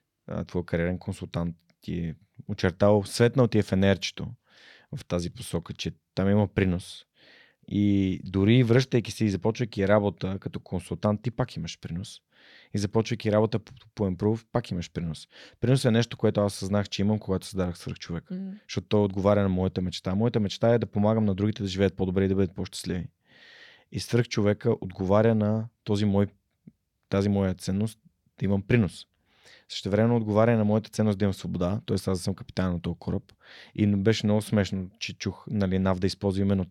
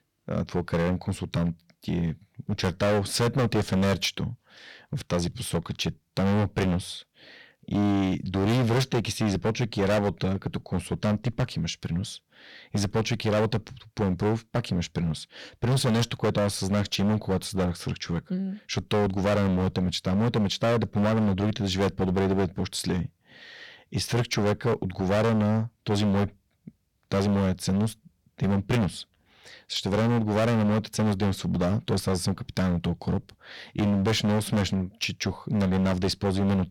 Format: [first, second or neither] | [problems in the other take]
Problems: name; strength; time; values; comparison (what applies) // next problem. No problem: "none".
first | distortion; heavy; 16% of the sound clipped